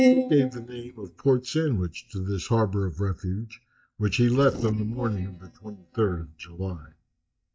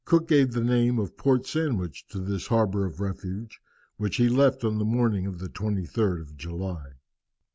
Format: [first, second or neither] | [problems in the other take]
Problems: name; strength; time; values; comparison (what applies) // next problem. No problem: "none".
second | noise reduction (neural mask model DeepFilterNet 3)